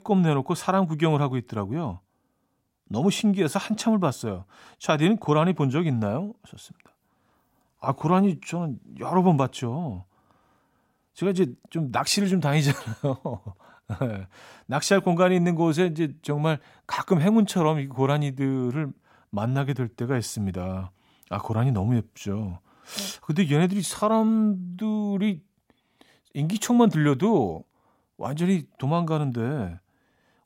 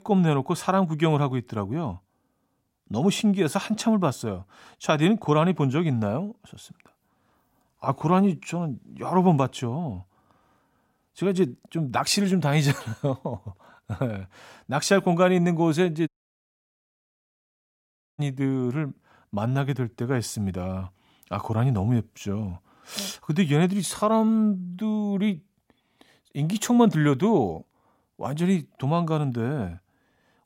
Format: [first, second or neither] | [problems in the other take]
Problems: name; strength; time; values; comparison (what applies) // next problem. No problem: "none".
first | audio cutting out; at 16 s for 2 s